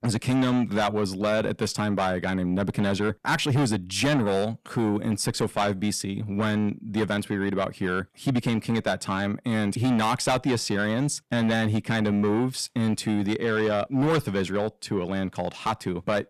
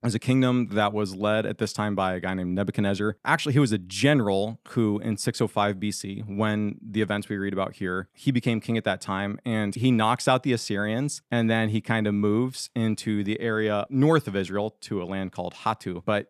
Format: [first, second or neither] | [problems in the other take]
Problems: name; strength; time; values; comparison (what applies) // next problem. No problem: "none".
second | distortion; heavy; 8 dB below the speech